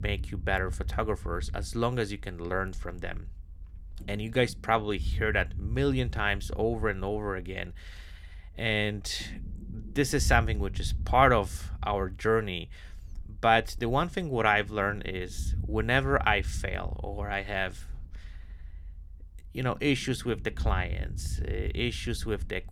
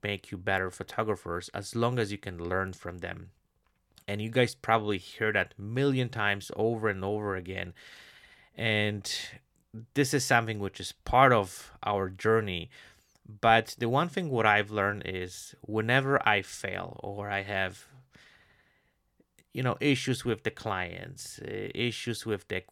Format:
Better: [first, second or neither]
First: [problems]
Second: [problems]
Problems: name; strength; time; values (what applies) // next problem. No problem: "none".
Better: second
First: low rumble; faint; throughout; 25 dB below the speech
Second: none